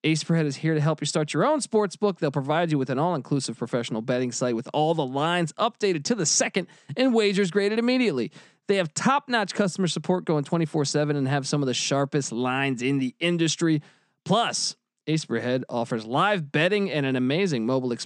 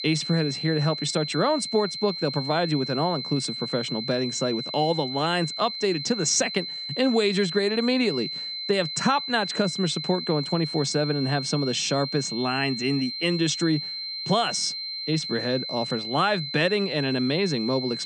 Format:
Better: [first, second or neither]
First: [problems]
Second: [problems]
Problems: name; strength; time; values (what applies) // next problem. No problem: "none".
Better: first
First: none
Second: high-pitched whine; loud; throughout; 4 kHz, 5 dB below the speech